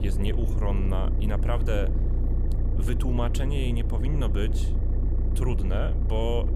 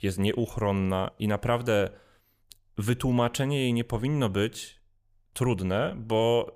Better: second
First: low rumble; loud; throughout; 7 dB below the speech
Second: none

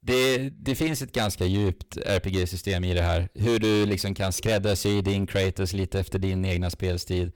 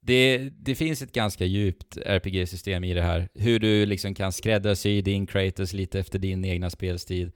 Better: second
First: distortion; heavy; 20% of the sound clipped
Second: none

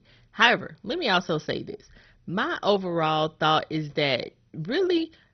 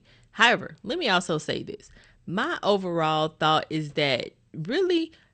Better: second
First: garbled, watery; badly; nothing above 6 kHz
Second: garbled, watery; slightly; nothing above 8.5 kHz

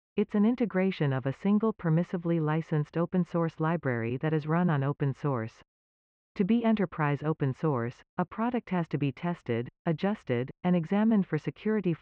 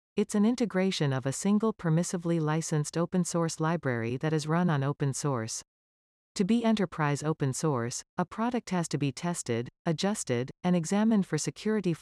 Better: second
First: muffled; very; fading above 2.5 kHz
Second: none

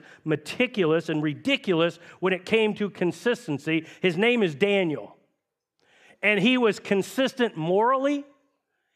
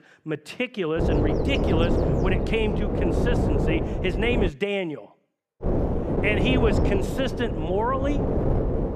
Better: first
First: none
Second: wind noise on the microphone; heavy; from 1 to 4.5 s and from 5.5 s on; 1 dB below the speech

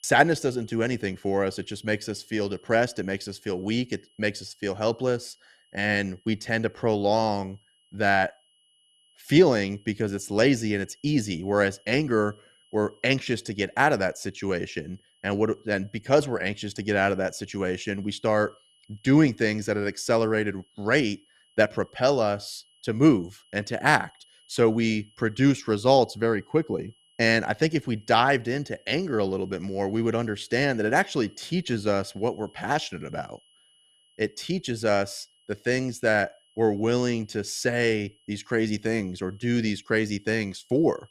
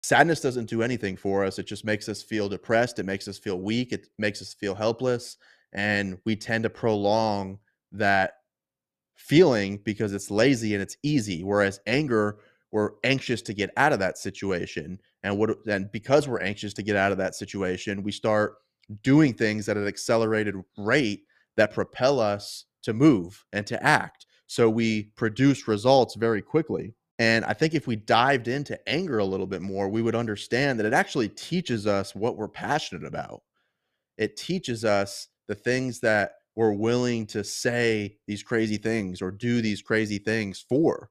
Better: second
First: high-pitched whine; faint; throughout; 3 kHz, 35 dB below the speech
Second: none

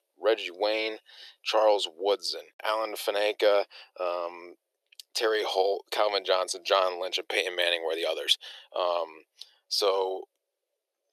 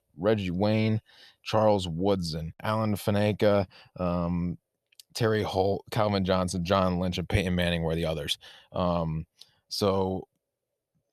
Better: second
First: thin; very; fading below 350 Hz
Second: none

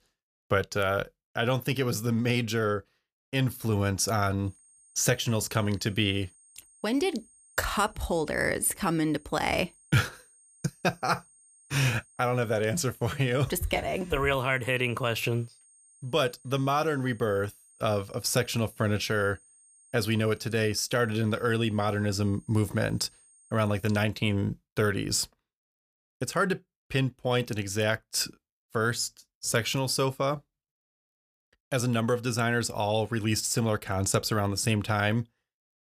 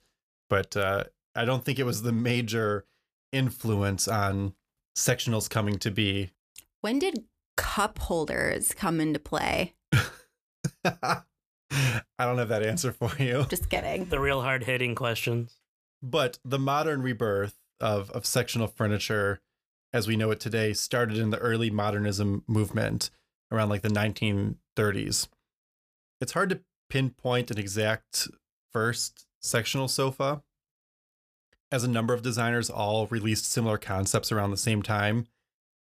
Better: second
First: high-pitched whine; faint; from 4.5 to 24 s; 8.5 kHz, 30 dB below the speech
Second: none

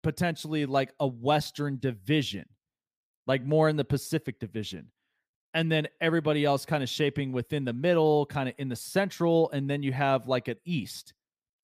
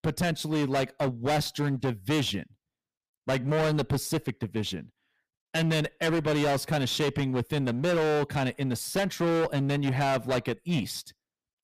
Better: first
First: none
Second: distortion; heavy; 23% of the sound clipped

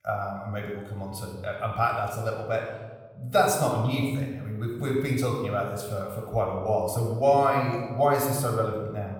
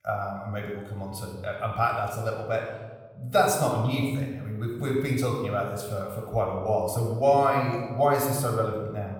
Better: neither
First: off-mic speech; somewhat distant // room echo; noticeable; dies away in 1.1 s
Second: off-mic speech; somewhat distant // room echo; noticeable; dies away in 1.1 s

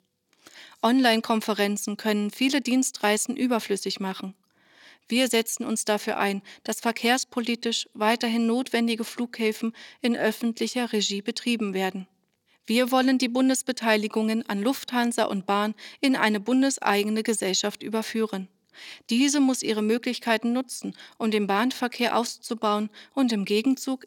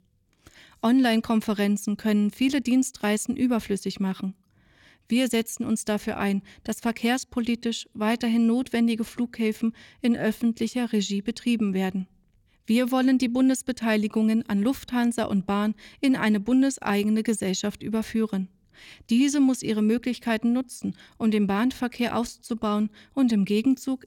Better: second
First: thin; very slightly; fading below 300 Hz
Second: none

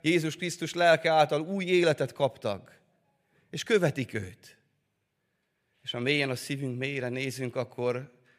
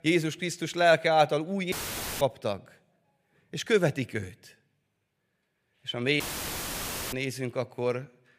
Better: first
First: none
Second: audio cutting out; filled with static; at 1.5 s and at 6 s for 1 s

